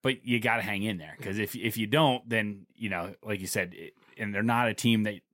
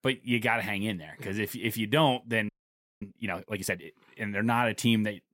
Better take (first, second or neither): first